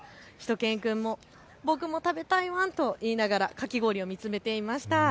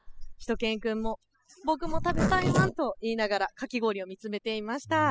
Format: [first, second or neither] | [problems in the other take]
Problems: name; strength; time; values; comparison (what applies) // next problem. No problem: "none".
first | noise reduction (classical method spectral subtraction)